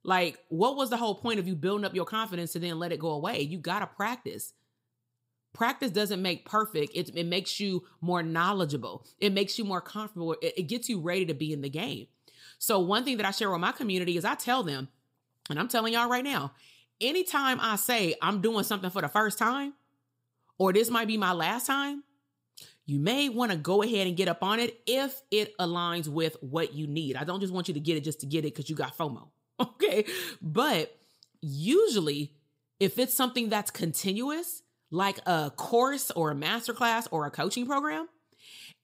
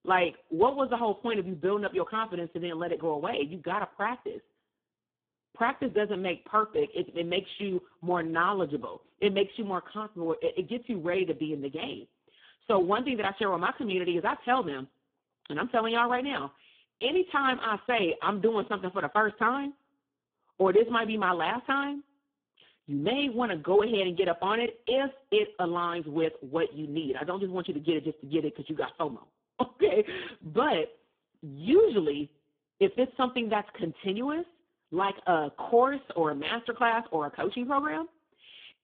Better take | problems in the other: first | phone-call audio; poor line

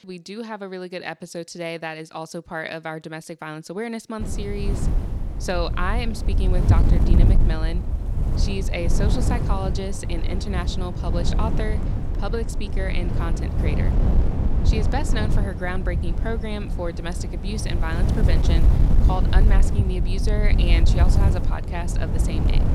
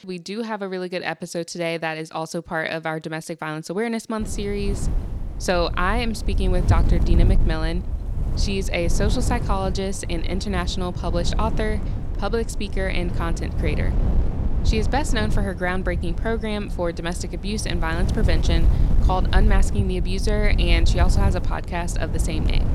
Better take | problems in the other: second | wind noise on the microphone; heavy; from 4 s on; 4 dB below the speech; occasional gusts in the second

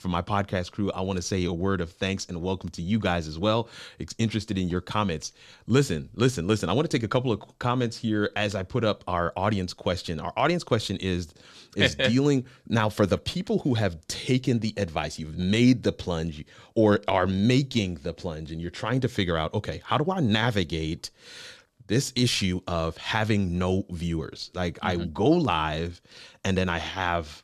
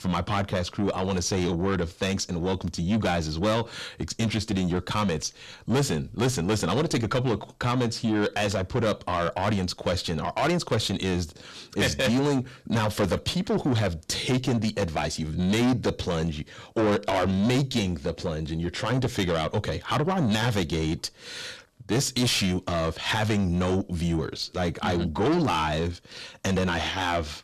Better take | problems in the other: first | distortion; heavy; 6 dB below the speech

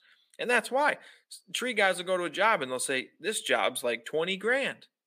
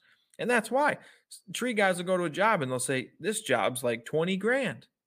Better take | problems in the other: second | thin; very slightly; fading below 300 Hz

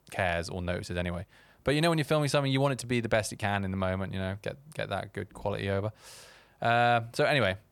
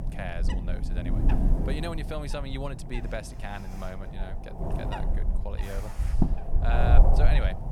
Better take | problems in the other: first | wind noise on the microphone; heavy; 2 dB below the speech

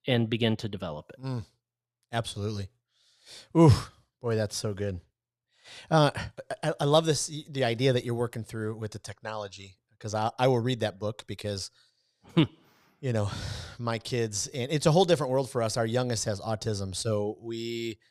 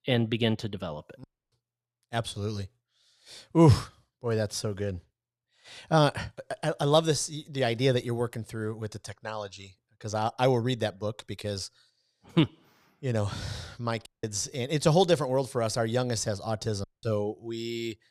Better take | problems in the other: first | audio cutting out; at 1 s, at 14 s and at 17 s

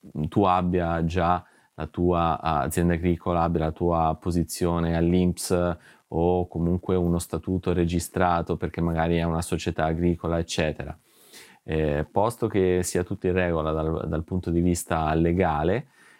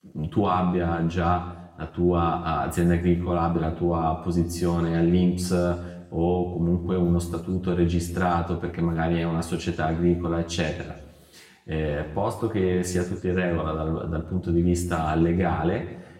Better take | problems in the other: first | room echo; slight; dies away in 0.8 s // off-mic speech; somewhat distant

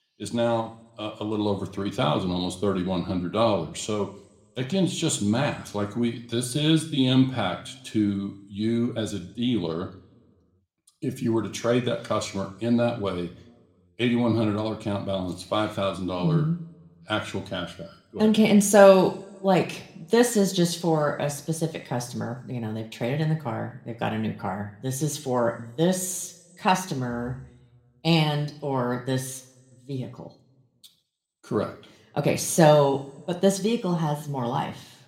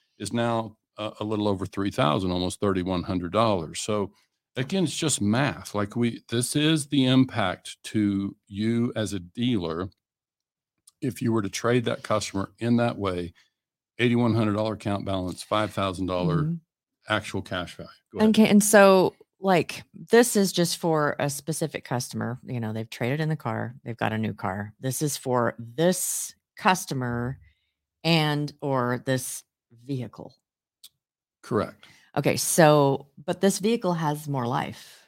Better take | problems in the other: second | room echo; very slight; dies away in 0.6 s

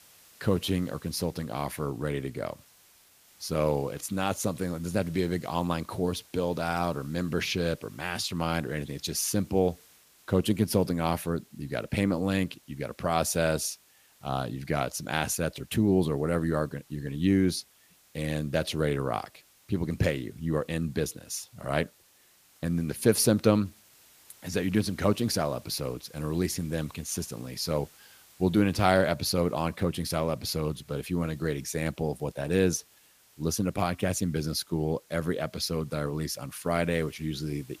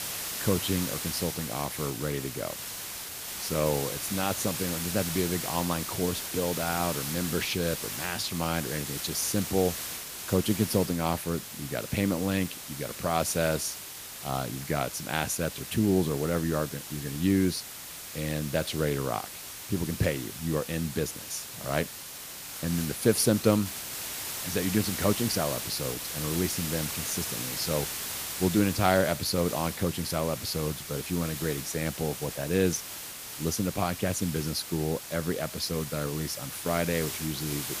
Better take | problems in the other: first | hiss; loud; throughout; 5 dB below the speech; faint in the first

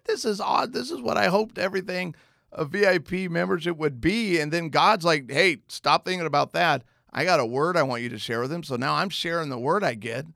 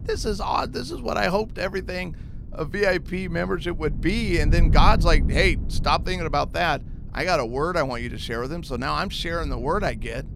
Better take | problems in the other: first | wind noise on the microphone; occasional gusts; 20 dB below the speech

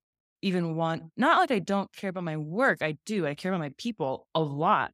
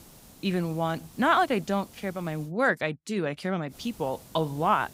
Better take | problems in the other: first | hiss; faint; until 2.5 s and from 3.5 s on; 20 dB below the speech

